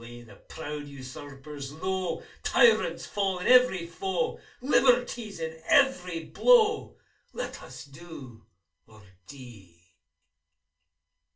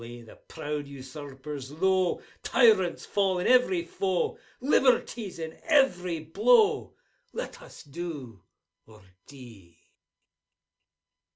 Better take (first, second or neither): second